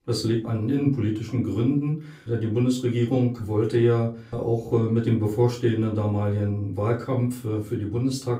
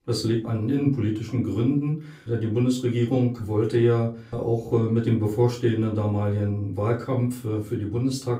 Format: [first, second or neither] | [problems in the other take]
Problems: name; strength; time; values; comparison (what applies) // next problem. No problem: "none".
neither | off-mic speech; far; the same in both // room echo; slight; dies away in 0.3 s; the same in both